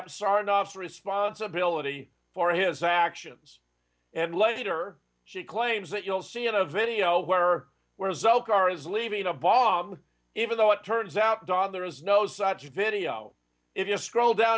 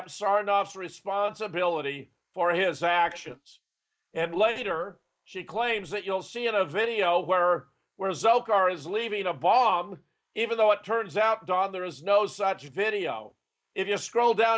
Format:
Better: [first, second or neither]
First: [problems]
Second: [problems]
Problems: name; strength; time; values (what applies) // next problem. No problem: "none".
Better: first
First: none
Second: noise reduction (neural mask model Resemble Enhance denoiser)